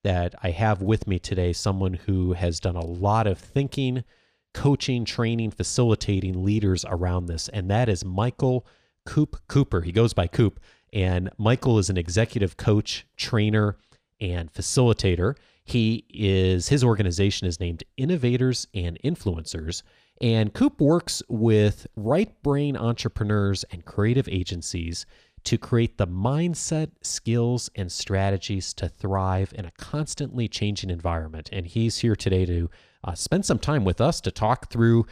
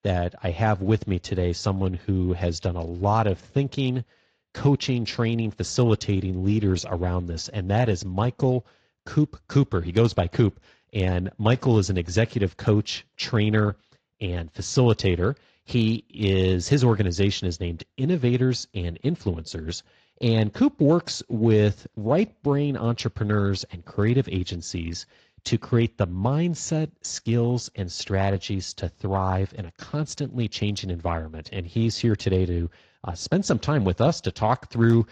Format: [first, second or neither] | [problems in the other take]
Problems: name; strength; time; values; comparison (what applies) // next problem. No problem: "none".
first | garbled, watery; slightly; nothing above 15.5 kHz